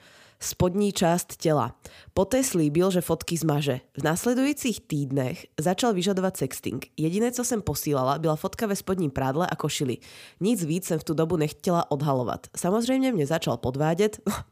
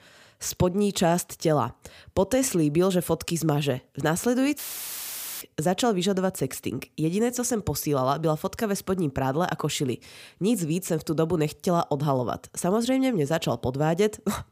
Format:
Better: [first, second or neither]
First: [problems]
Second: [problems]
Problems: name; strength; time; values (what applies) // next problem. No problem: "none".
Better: first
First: none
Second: audio cutting out; filled with static; at 4.5 s for 1 s